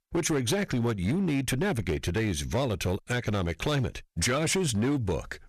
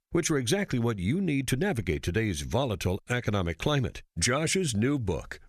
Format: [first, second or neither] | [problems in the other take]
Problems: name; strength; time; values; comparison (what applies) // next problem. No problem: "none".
second | distortion; slight; 12% of the sound clipped